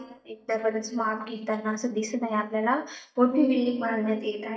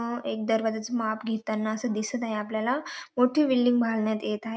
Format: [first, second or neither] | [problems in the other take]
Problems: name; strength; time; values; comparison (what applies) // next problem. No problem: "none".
second | noise reduction (neural mask model DeepFilterNet 3)